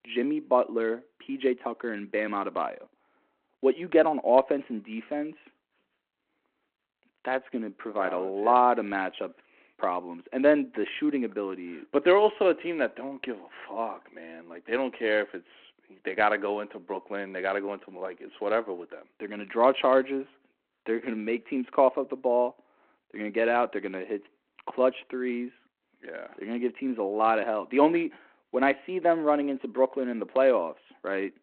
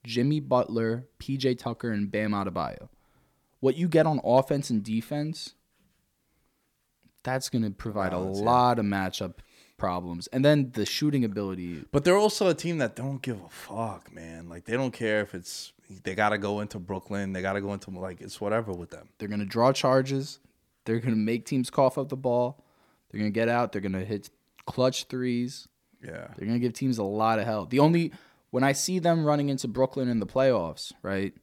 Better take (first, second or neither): second